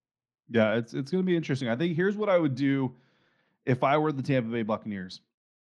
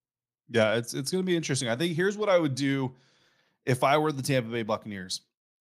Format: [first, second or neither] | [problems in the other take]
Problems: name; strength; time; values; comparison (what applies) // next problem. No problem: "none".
second | muffled; slightly; fading above 3 kHz